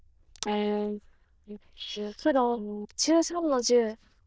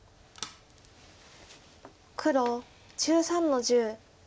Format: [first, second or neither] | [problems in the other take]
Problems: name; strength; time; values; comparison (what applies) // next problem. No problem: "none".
second | noise reduction (neural diffusion model UNIVERSE++)